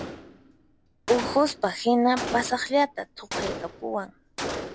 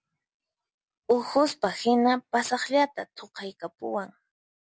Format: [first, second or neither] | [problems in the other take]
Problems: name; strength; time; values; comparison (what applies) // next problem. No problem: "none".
second | background sound (Gunshot, gunfire); 9 dB below the speech